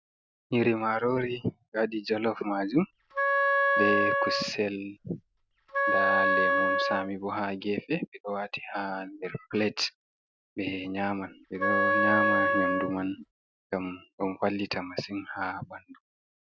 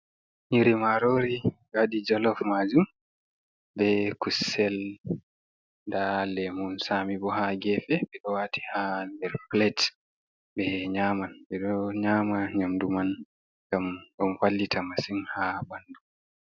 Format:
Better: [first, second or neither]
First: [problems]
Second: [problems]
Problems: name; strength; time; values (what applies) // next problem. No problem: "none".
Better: second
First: background sound (Wind instrument, woodwind instrument); 4 dB above the speech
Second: none